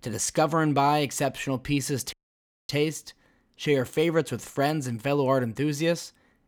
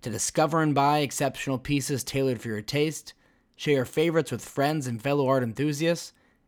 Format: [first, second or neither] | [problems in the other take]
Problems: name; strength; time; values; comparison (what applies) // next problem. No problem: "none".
second | audio cutting out; at 2 s for 0.5 s